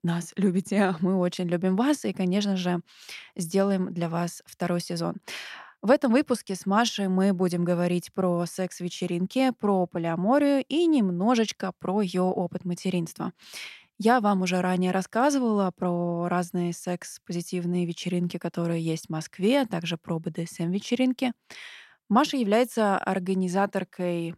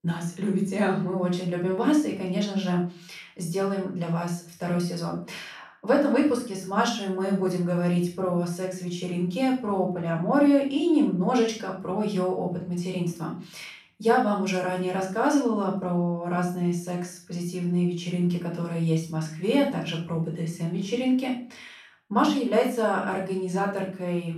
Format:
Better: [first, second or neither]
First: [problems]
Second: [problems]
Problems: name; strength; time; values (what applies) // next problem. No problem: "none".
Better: first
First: none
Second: off-mic speech; far // room echo; noticeable; dies away in 0.4 s